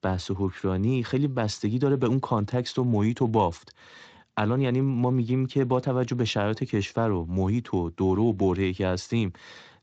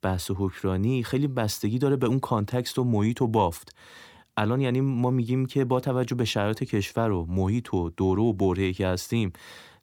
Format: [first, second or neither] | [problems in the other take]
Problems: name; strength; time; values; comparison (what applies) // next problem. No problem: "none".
second | garbled, watery; slightly; nothing above 7.5 kHz